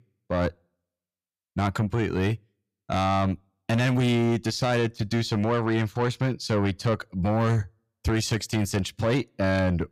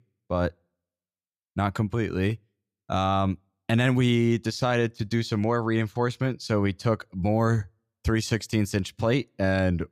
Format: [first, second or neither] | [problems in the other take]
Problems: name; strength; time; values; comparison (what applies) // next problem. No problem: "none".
second | distortion; slight; 10 dB below the speech